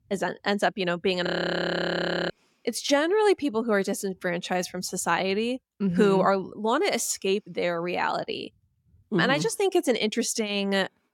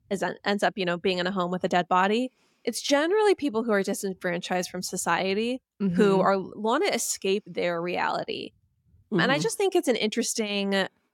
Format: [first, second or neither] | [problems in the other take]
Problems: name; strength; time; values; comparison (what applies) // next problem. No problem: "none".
second | audio freezing; at 1.5 s for 1 s